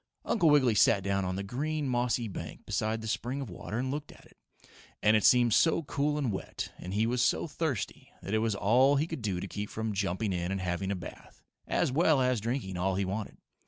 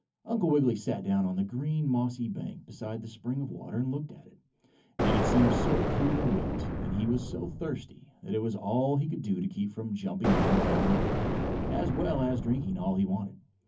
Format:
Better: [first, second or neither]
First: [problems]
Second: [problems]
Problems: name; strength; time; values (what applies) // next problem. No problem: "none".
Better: first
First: none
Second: background sound (Explosion); 1 dB above the speech // room echo; dies away in 0.3 s